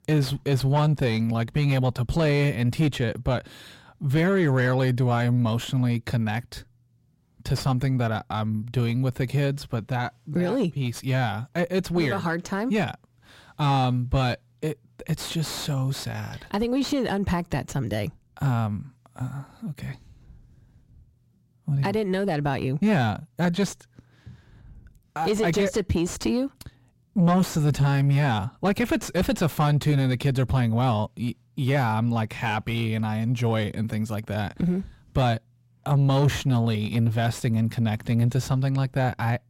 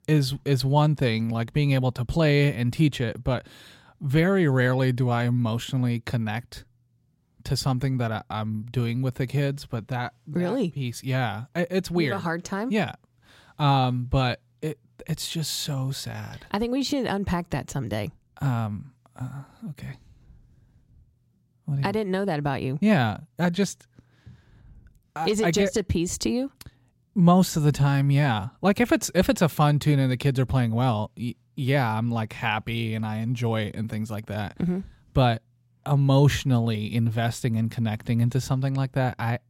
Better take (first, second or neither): second